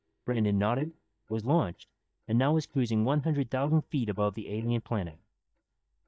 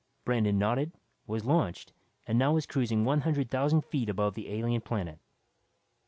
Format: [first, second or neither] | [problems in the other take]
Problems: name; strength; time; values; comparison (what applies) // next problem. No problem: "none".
second | noise reduction (neural mask model DeepFilterNet 3)